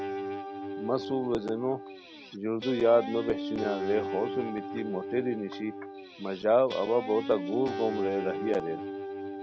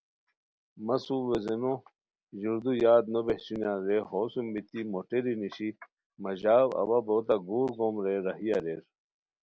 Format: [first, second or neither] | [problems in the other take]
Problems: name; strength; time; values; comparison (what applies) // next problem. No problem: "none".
second | background sound (Guitar); 7 dB below the speech